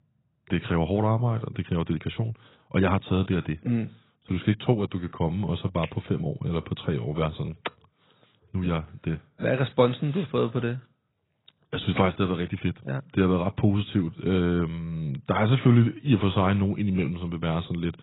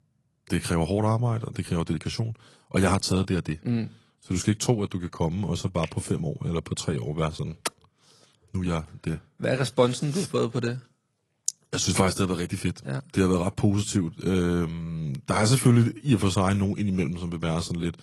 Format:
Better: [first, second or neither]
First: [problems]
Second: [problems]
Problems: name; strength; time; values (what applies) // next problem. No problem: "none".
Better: second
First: garbled, watery; badly; nothing above 4 kHz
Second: garbled, watery; slightly; nothing above 11.5 kHz